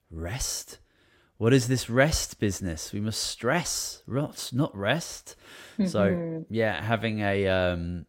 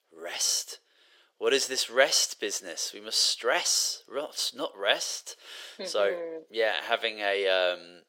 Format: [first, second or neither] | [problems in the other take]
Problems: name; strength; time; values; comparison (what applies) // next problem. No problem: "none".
first | thin; very; fading below 450 Hz